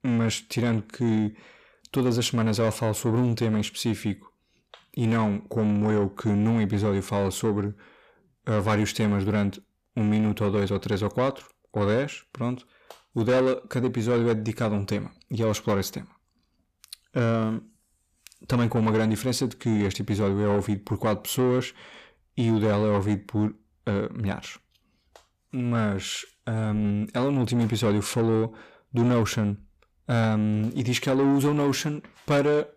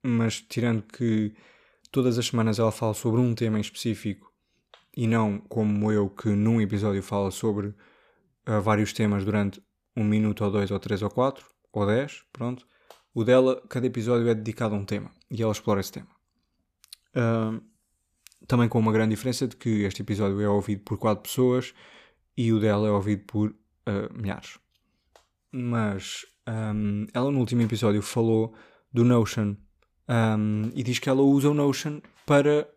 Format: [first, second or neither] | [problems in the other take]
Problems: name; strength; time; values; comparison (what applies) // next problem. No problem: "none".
second | distortion; slight; 10 dB below the speech